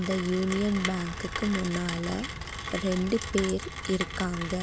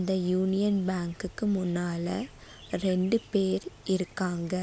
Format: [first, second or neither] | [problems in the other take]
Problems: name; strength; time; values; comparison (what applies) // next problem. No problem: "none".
second | background sound (Rain); 6 dB below the speech